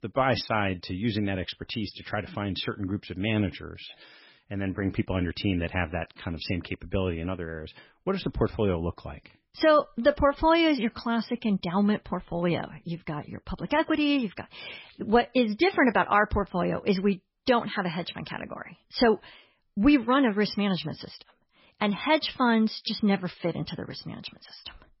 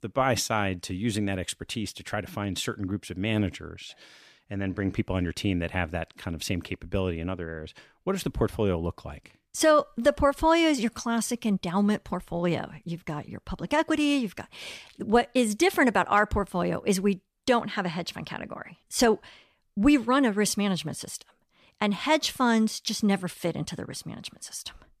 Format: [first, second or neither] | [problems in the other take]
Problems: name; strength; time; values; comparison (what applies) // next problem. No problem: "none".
second | garbled, watery; badly; nothing above 5.5 kHz